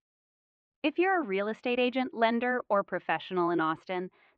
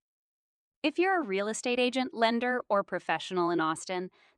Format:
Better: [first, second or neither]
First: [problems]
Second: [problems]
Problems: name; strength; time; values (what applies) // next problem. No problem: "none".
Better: second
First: muffled; very; fading above 3 kHz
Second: none